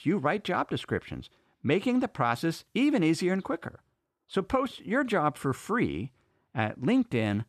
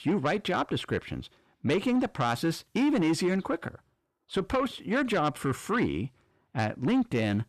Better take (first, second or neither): first